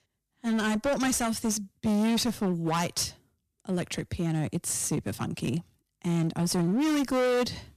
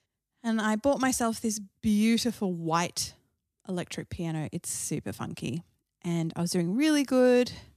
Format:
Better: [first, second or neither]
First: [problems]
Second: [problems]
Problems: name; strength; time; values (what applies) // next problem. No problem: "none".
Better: second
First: distortion; heavy; 18% of the sound clipped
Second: none